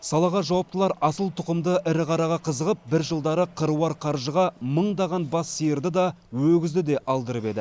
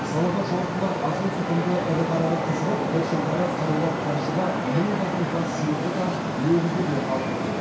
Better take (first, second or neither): first